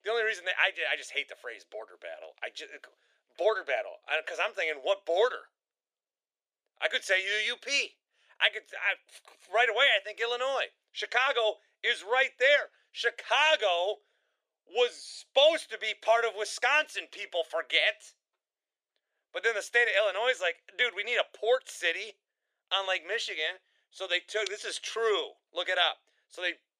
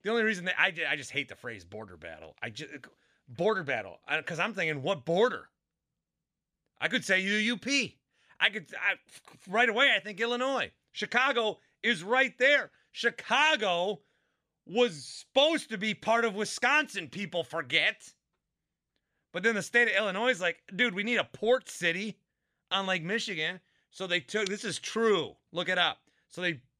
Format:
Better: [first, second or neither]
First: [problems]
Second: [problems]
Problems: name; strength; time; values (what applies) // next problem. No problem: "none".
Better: second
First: thin; very; fading below 400 Hz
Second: none